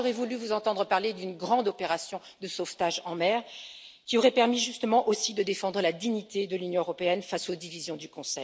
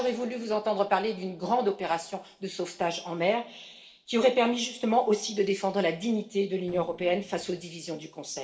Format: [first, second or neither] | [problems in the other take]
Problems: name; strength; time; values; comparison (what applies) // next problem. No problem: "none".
first | noise reduction (neural separator model SepFormer DNS4)